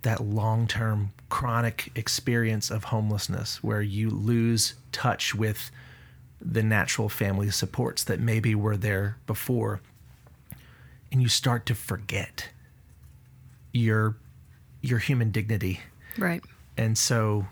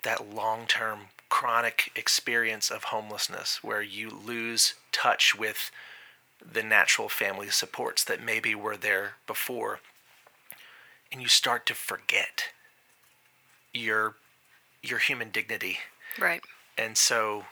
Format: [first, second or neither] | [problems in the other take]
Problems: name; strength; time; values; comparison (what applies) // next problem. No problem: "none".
first | thin; very; fading below 650 Hz